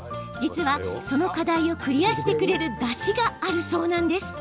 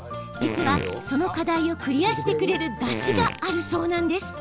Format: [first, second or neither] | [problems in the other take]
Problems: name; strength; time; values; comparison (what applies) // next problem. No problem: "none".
first | background sound (Fart); 6 dB below the speech